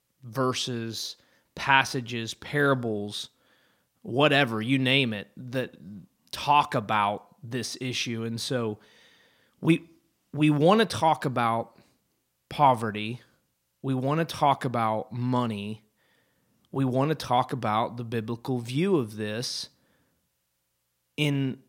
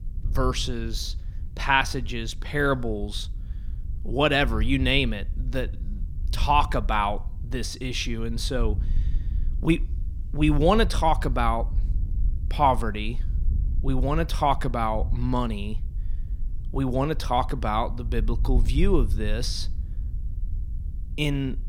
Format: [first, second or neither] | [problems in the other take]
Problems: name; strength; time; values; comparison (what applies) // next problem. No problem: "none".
first | wind noise on the microphone; occasional gusts; 25 dB below the speech